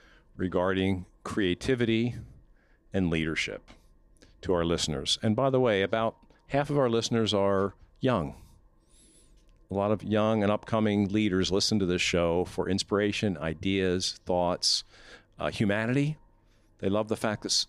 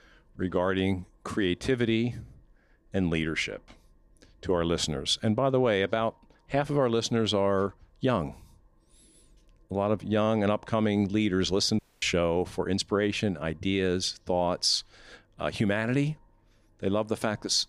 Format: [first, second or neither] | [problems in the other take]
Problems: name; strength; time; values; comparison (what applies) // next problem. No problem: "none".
first | audio cutting out; at 12 s